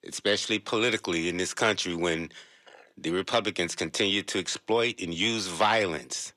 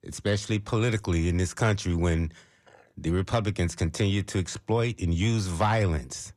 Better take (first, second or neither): second